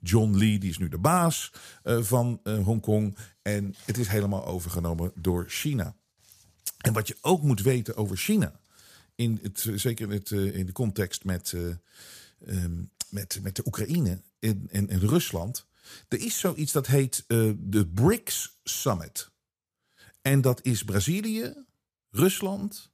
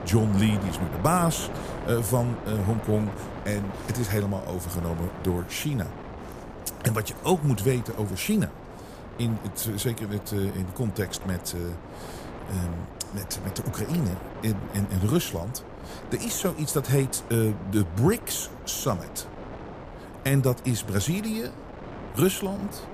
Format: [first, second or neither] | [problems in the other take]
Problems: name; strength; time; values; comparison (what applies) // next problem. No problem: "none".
first | wind noise on the microphone; heavy; 9 dB below the speech